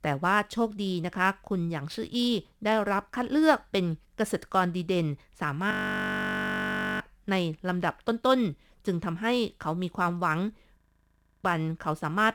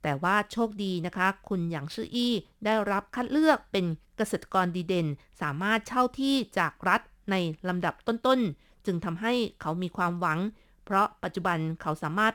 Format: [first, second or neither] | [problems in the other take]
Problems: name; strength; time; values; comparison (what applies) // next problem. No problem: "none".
second | audio freezing; at 5.5 s for 1.5 s and at 11 s for 0.5 s